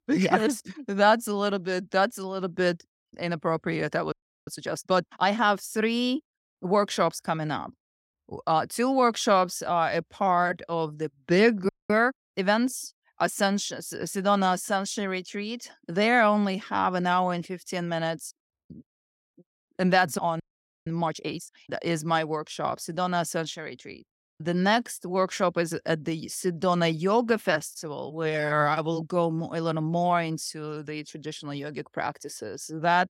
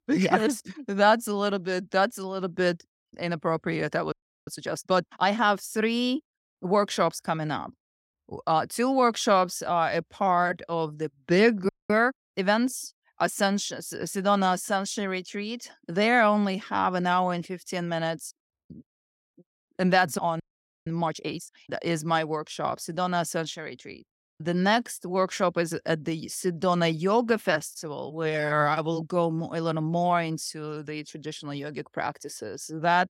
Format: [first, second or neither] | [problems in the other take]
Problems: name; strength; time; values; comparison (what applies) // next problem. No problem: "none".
neither | audio freezing; at 4 s, at 12 s and at 20 s; the same in both